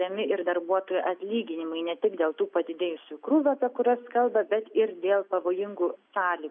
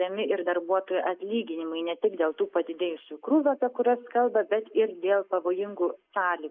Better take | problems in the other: first | noise reduction (neural mask model Resemble Enhance denoiser)

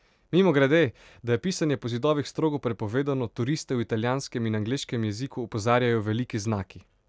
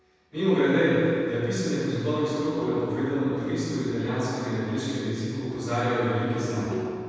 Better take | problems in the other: first | background sound (Dishes, pots, and pans); 17 dB below the speech // room echo; dies away in 2.1 s

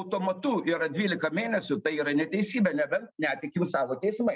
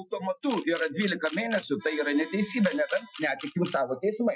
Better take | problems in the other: first | noise reduction (classical method Wiener filter)

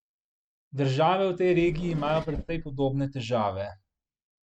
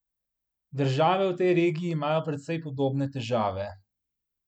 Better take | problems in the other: second | noise reduction (neural mask model RNNoise)

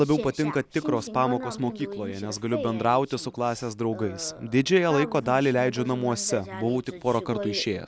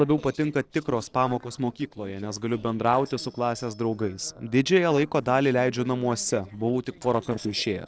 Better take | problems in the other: first | noise reduction (neural separator model SepFormer DNS4)

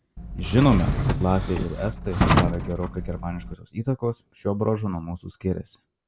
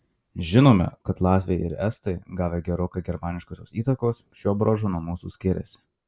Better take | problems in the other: second | background sound (Drawer open or close); as loud as the speech

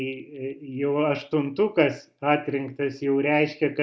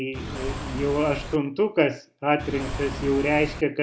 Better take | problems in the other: first | background sound (Engine / Car); 8 dB below the speech

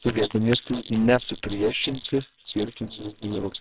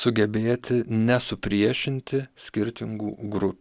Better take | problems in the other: second | noise reduction (neural separator model SepFormer WHAMR!)

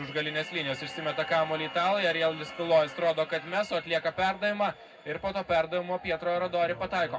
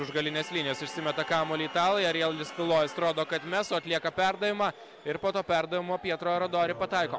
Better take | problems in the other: second | room echo; dies away in 0.3 s

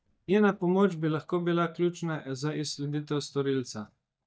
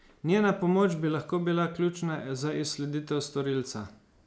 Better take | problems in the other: second | noise reduction (neural mask model DeepFilterNet 3)

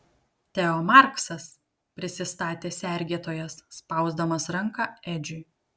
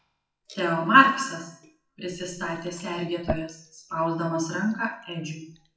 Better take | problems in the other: first | noise reduction (classical method WPE with log-MMSE)

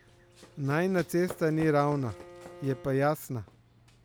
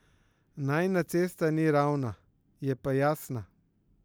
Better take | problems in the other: second | background sound (Bowed string instrument + Run); 18 dB below the speech

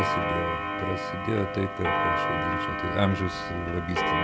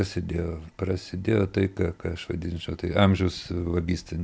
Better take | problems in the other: second | background sound (Clock); 2 dB above the speech

